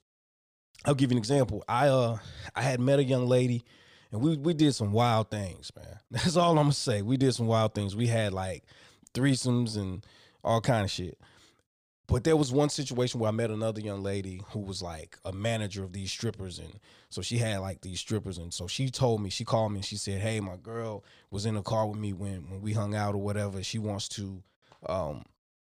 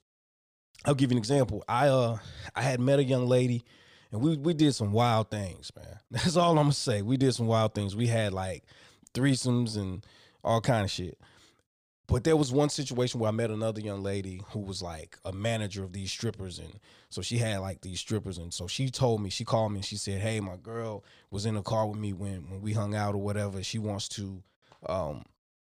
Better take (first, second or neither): neither